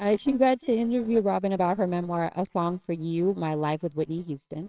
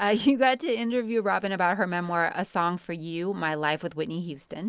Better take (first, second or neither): second